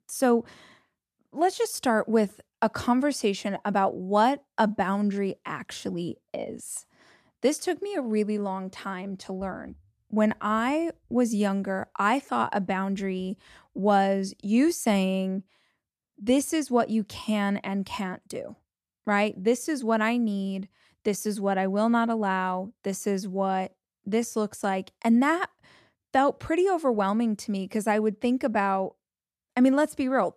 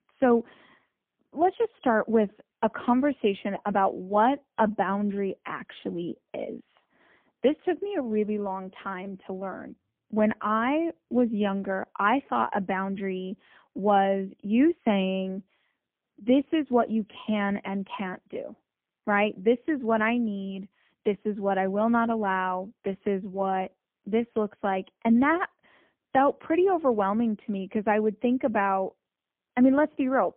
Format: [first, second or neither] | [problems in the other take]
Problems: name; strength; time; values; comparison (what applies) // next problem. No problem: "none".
first | phone-call audio; poor line; nothing above 3 kHz